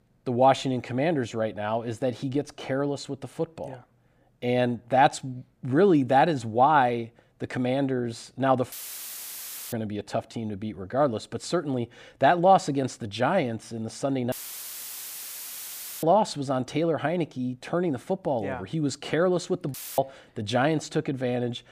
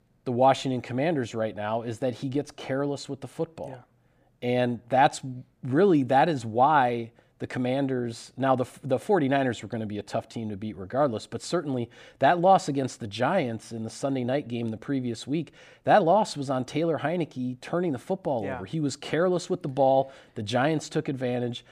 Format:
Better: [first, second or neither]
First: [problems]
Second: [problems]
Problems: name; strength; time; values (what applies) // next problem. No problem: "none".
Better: second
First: audio cutting out; filled with static; at 8.5 s for 1 s, at 14 s for 1.5 s and at 20 s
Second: none